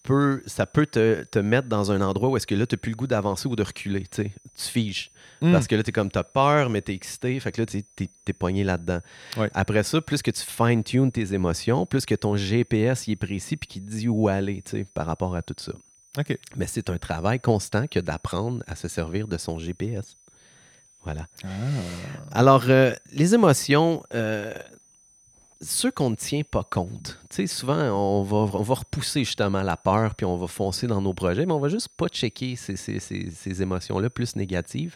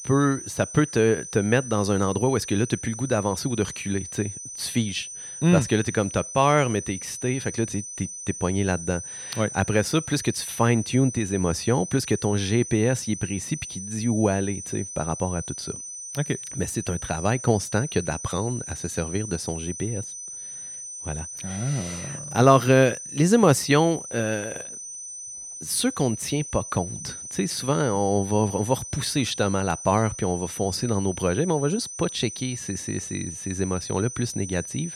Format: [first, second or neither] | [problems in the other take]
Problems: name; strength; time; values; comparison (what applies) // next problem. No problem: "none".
first | high-pitched whine; loud; throughout; 6 kHz, 9 dB below the speech; faint in the first